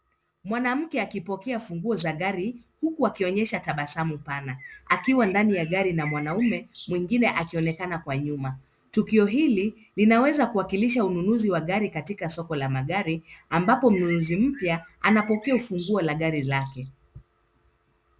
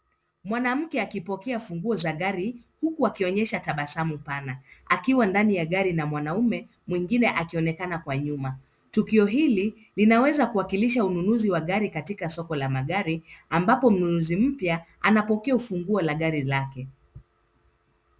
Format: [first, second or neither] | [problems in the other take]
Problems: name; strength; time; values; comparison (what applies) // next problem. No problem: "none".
second | background sound (Bird); 16 dB below the speech